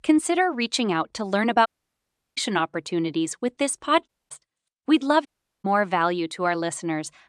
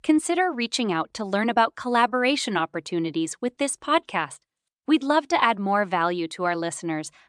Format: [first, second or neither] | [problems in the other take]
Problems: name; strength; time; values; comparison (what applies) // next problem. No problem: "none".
second | audio cutting out; at 1.5 s for 0.5 s, at 4 s and at 5.5 s